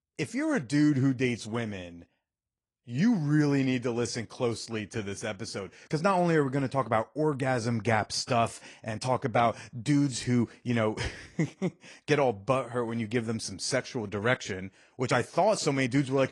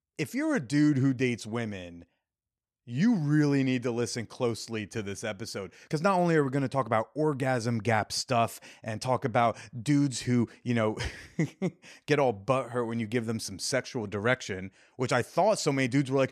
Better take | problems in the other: second | garbled, watery; slightly

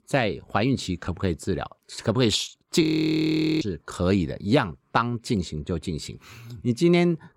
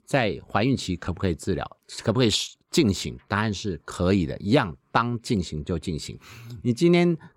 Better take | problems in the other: second | audio freezing; at 3 s for 1 s

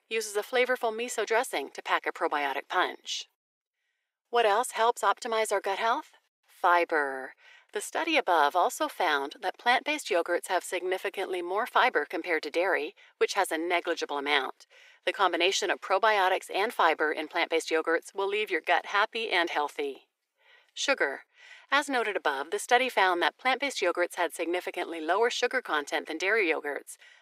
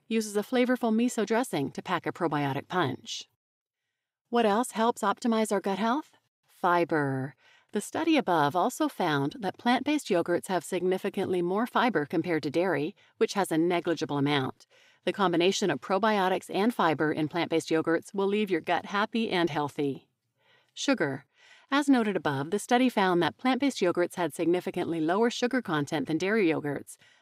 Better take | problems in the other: second | thin; very; fading below 400 Hz

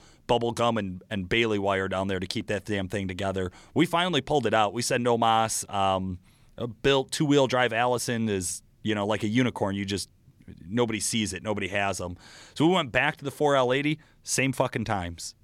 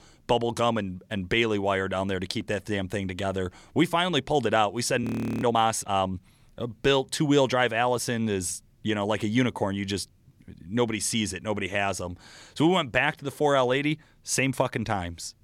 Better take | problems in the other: first | audio freezing; at 5 s

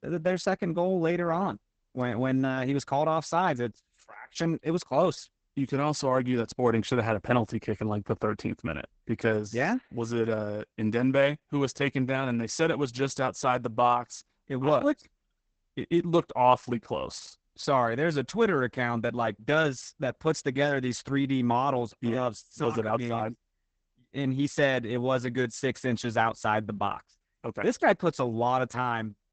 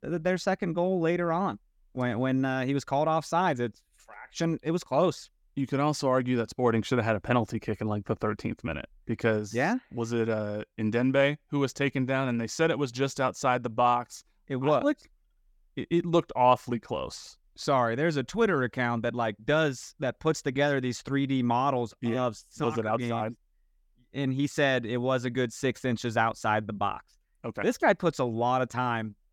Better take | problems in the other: second | garbled, watery; badly; nothing above 8 kHz

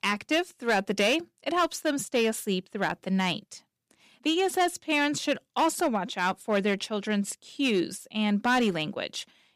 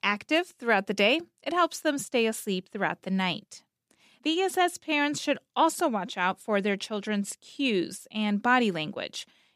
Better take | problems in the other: second | distortion; slight; 4% of the sound clipped

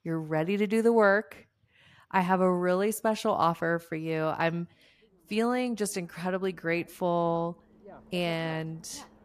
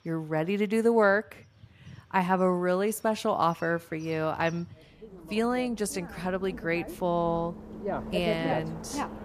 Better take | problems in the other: first | traffic noise; loud; throughout; 10 dB below the speech; faint in the first

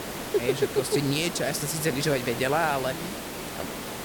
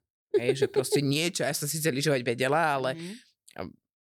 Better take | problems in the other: second | hiss; loud; throughout; 8 dB below the speech

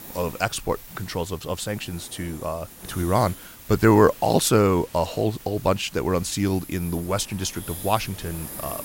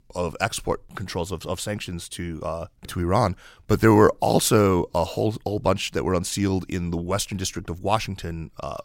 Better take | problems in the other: second | hiss; noticeable; throughout; 15 dB below the speech

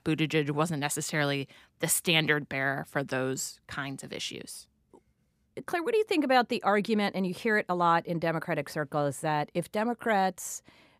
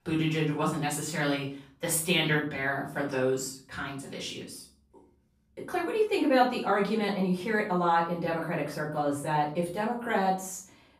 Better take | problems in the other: first | off-mic speech; far // room echo; noticeable; dies away in 0.4 s

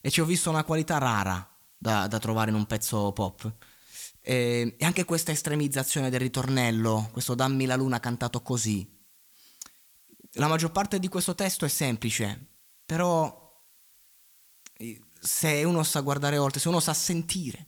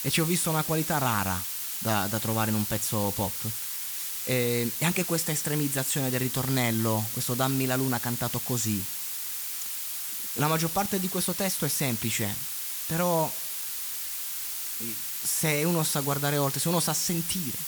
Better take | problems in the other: first | hiss; loud; throughout; 2 dB below the speech; faint in the first

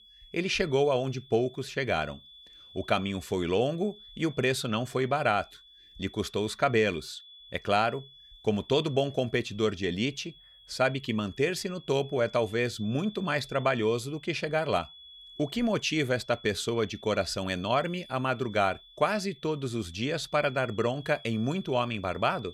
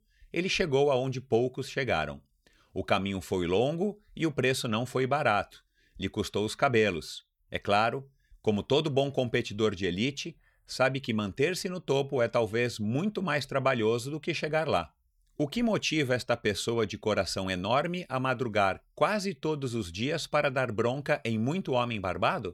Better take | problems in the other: second | high-pitched whine; faint; throughout; 3.5 kHz, 20 dB below the speech

